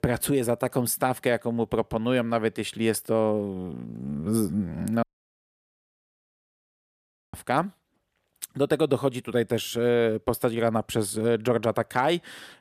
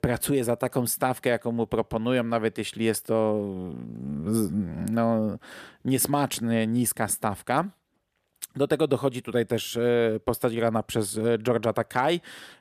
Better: second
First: audio cutting out; at 5 s for 2.5 s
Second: none

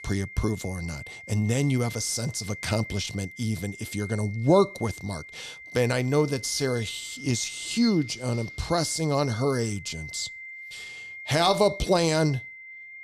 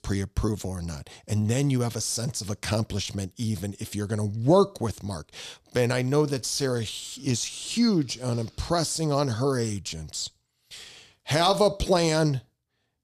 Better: second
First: high-pitched whine; noticeable; throughout; 2 kHz, 15 dB below the speech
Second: none

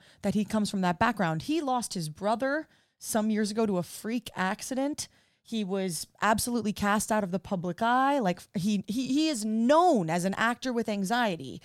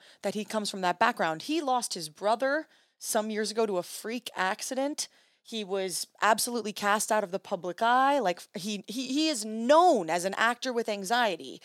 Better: first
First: none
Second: thin; somewhat; fading below 400 Hz

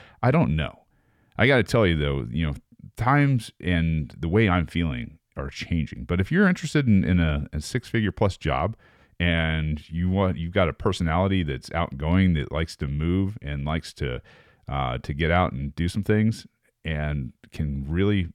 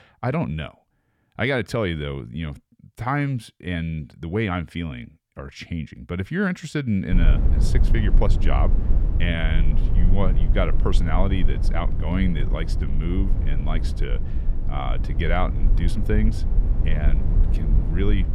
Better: first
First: none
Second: low rumble; noticeable; from 7 s on; 10 dB below the speech

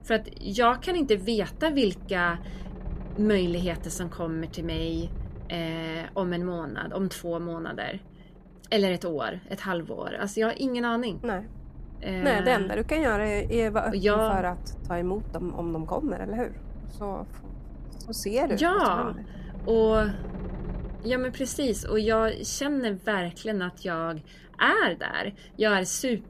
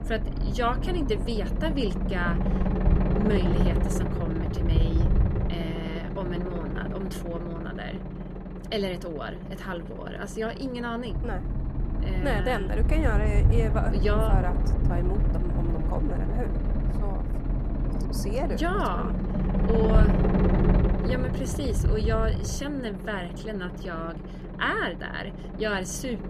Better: first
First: low rumble; faint; throughout; 25 dB below the speech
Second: low rumble; loud; throughout; 5 dB below the speech

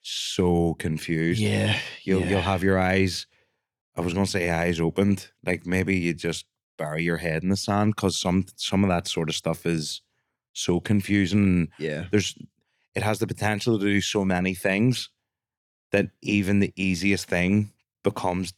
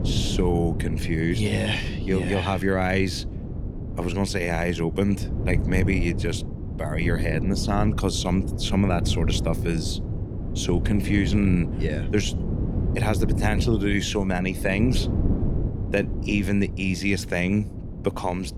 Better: first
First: none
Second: wind noise on the microphone; occasional gusts; 10 dB below the speech

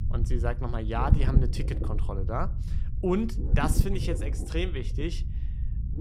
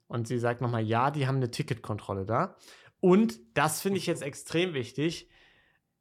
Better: second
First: low rumble; loud; throughout; 9 dB below the speech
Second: none

